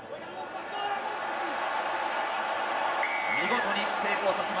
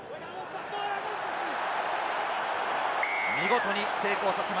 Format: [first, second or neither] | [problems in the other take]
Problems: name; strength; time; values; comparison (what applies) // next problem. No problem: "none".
second | room echo; dies away in 2.4 s